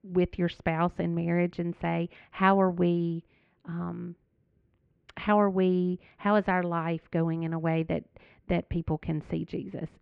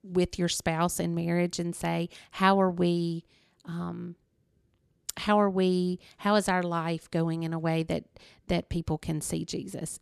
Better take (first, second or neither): second